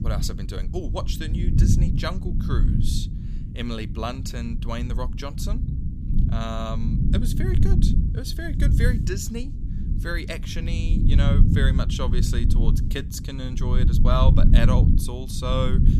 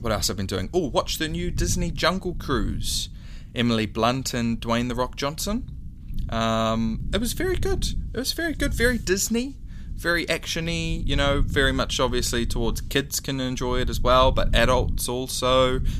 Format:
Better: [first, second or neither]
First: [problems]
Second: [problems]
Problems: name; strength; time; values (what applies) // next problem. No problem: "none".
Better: second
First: low rumble; loud; throughout; 4 dB below the speech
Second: low rumble; faint; throughout; 25 dB below the speech